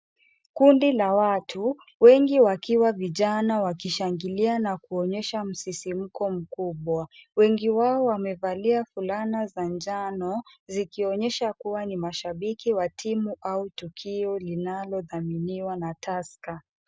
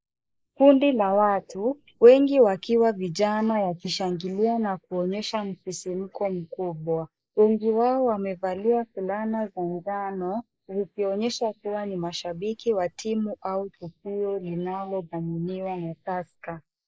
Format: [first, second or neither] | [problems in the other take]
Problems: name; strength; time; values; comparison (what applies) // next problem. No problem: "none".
first | noise reduction (neural mask model Resemble Enhance denoiser)